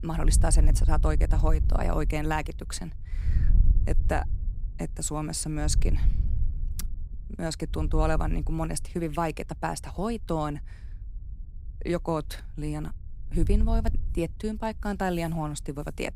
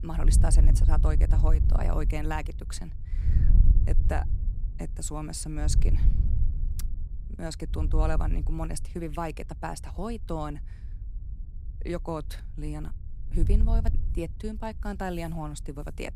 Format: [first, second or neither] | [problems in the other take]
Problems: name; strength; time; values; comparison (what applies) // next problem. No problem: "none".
first | wind noise on the microphone; heavy; 9 dB below the speech; occasional gusts in the first